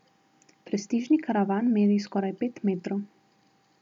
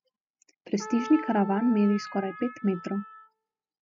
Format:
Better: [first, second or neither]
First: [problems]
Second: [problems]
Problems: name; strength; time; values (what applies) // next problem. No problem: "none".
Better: first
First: none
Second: noise reduction (classical method spectral subtraction)